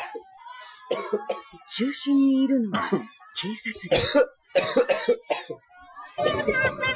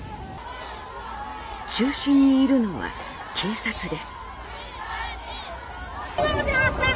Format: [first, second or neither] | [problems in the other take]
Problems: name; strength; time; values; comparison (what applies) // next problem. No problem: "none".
second | noise reduction (classical method Wiener filter)